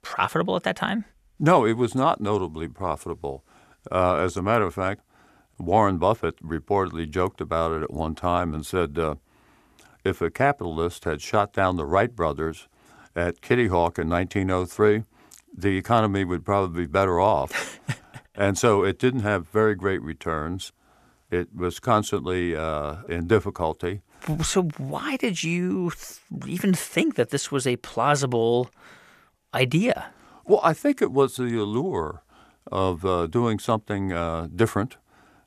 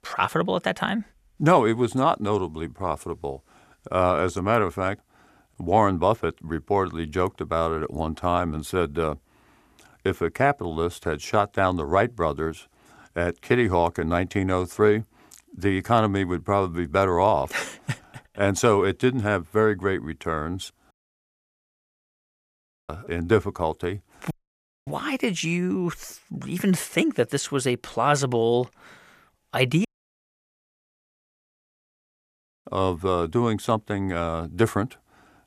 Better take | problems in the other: first | audio cutting out; at 21 s for 2 s, at 24 s for 0.5 s and at 30 s for 3 s

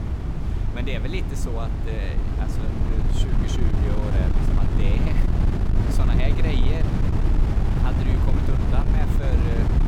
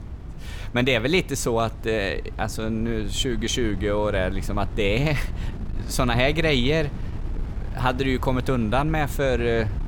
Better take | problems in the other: second | wind noise on the microphone; heavy; 2 dB above the speech; occasional gusts in the second

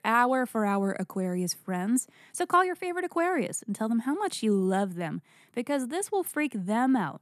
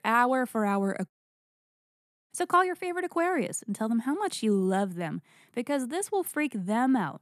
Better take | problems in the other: first | audio cutting out; at 1 s for 1 s

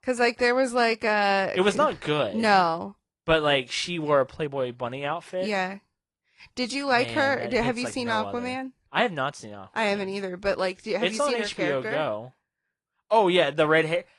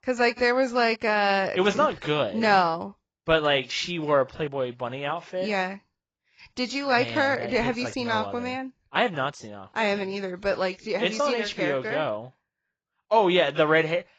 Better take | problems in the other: first | garbled, watery; badly; nothing above 7.5 kHz; slightly in the first

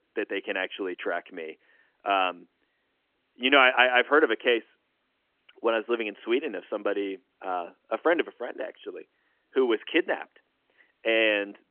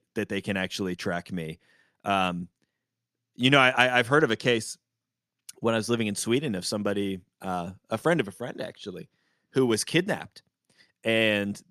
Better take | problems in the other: second | phone-call audio; nothing above 3 kHz

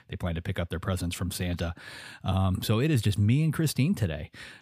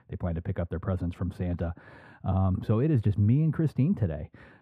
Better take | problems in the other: first | muffled; very; fading above 2.5 kHz

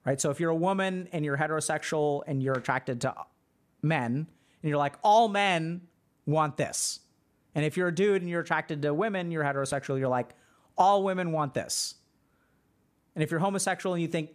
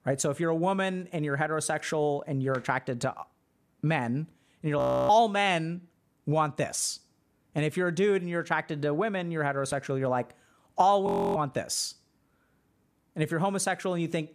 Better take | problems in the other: first | audio freezing; at 5 s and at 11 s

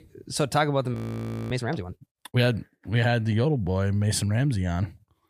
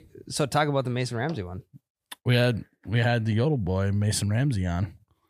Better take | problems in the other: second | audio freezing; at 1 s for 0.5 s

